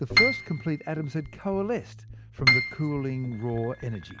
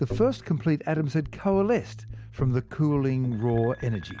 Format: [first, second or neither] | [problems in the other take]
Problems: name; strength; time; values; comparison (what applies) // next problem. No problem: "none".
second | background sound (Piano); 1 dB above the speech